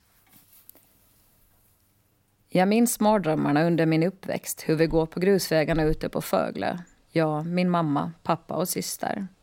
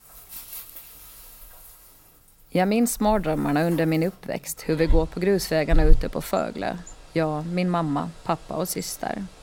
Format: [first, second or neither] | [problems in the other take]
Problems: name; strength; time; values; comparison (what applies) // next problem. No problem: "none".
first | animal sounds; loud; throughout; 9 dB below the speech; faint in the first